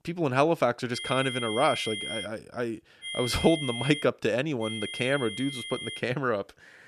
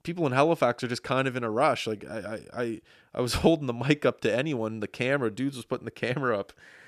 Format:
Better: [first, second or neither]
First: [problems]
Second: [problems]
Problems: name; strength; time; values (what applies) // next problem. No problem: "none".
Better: second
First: high-pitched whine; loud; from 1 to 2.5 s, at 3 s and from 4.5 to 6 s; 3 kHz, 6 dB below the speech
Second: none